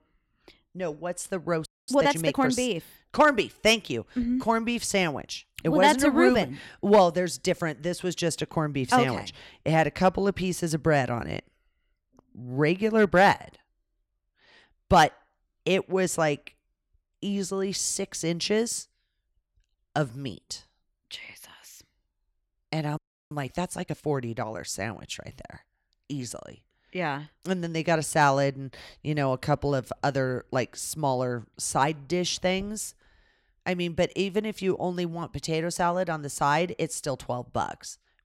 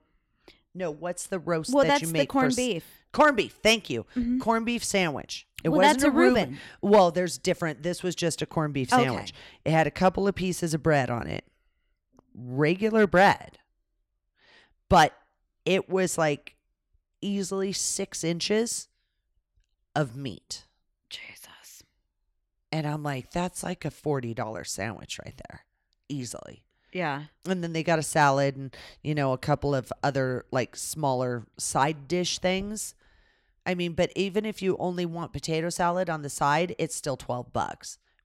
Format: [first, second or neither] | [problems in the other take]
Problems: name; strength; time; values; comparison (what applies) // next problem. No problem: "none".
second | audio freezing; at 1.5 s and at 23 s